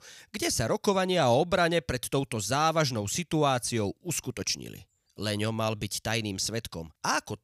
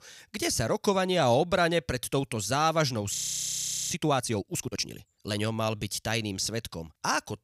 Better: first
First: none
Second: audio freezing; at 3 s for 1 s

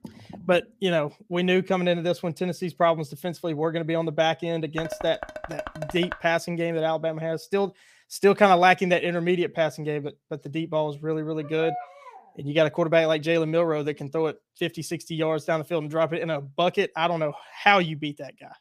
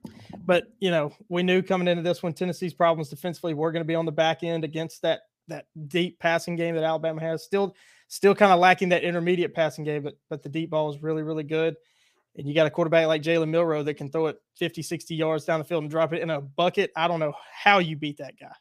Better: second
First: clattering dishes; faint; from 5 to 6 s; peak 10 dB below the speech // dog barking; faint; at 11 s; peak 10 dB below the speech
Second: none

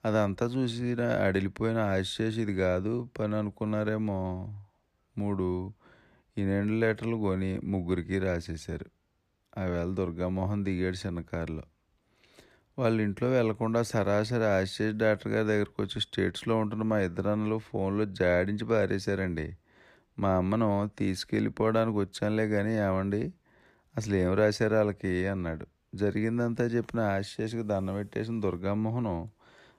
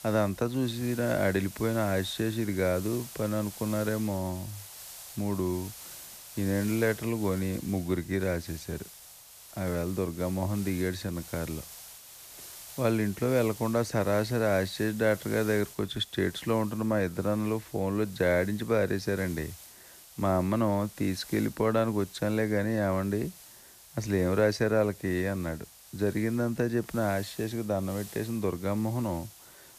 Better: first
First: none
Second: hiss; noticeable; throughout; 15 dB below the speech

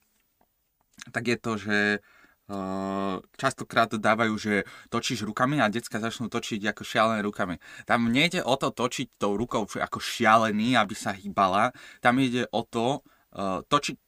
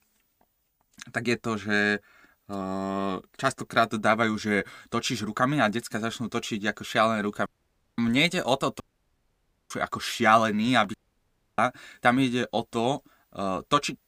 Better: first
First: none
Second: audio cutting out; at 7.5 s for 0.5 s, at 9 s for 1 s and at 11 s for 0.5 s

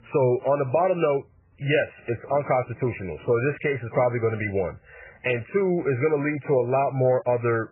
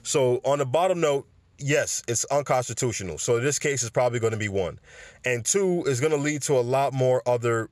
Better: second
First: garbled, watery; badly; nothing above 3 kHz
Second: none

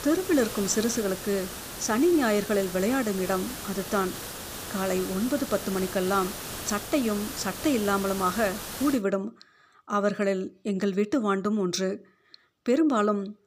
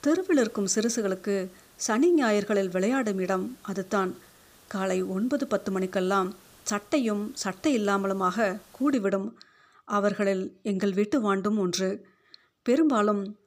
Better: second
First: hiss; loud; until 9 s; 9 dB below the speech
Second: hiss; faint; until 9 s; 25 dB below the speech

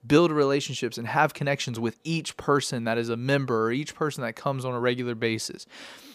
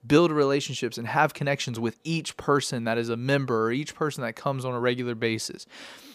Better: neither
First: none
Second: none

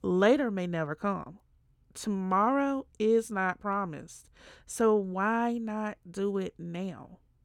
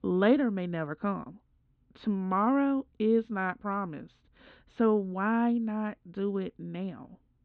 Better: first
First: none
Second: muffled; very; fading above 3.5 kHz

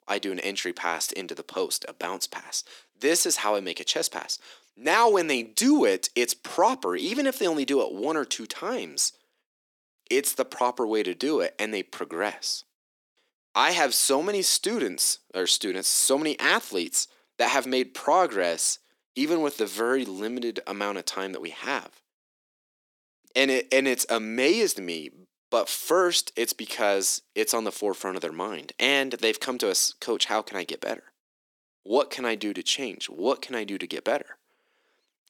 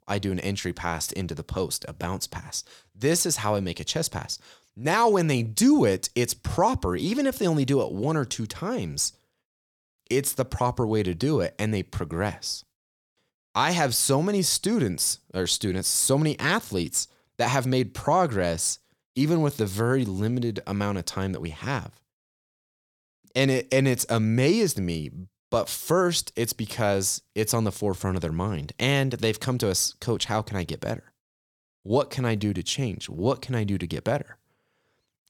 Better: second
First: thin; somewhat; fading below 250 Hz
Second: none

